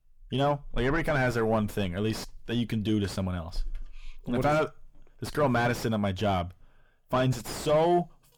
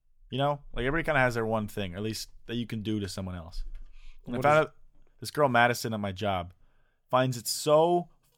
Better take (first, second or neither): second